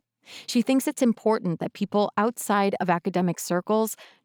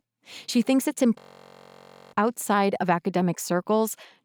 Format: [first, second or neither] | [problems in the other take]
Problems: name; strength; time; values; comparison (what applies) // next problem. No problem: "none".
first | audio freezing; at 1 s for 1 s